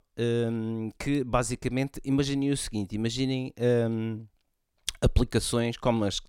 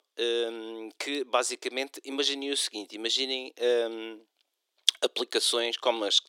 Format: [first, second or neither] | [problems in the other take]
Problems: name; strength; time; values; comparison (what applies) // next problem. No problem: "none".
first | thin; very; fading below 350 Hz